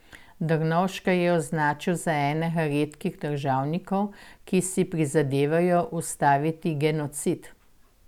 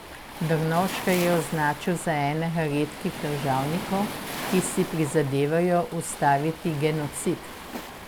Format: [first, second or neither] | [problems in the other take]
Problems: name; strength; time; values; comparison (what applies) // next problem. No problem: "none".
first | background sound (Waves, surf); 10 dB below the speech